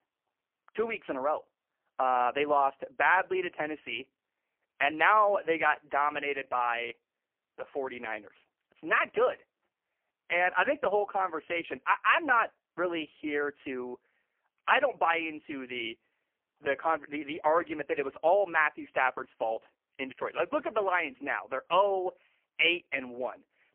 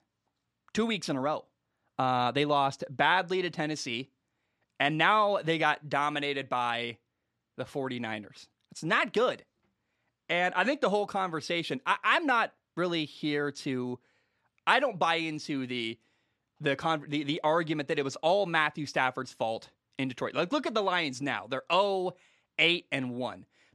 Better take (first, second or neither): second